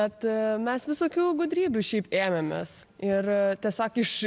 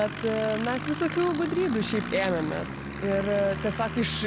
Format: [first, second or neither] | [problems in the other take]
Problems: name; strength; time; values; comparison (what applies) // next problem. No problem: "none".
first | background sound (Aircraft); 7 dB below the speech